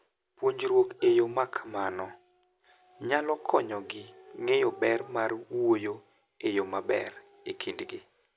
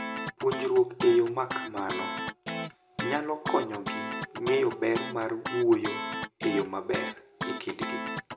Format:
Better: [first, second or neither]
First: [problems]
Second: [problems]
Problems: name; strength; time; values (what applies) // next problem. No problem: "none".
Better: first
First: none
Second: background sound (Guitar); 7 dB below the speech // room echo; dies away in 0.3 s